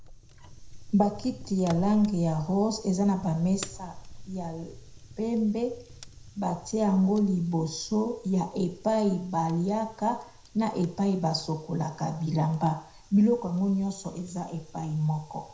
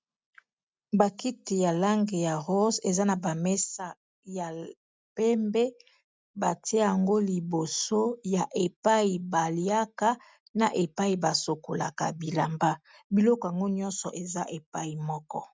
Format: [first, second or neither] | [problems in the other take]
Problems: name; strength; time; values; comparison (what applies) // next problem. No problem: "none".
second | background sound (Fire); 18 dB below the speech // room echo; dies away in 0.4 s